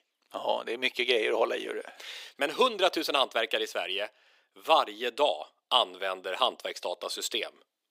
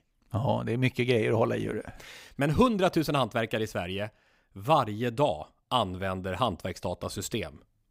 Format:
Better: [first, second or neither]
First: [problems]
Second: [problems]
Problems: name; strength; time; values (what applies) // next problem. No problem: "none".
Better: second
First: thin; very; fading below 350 Hz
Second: none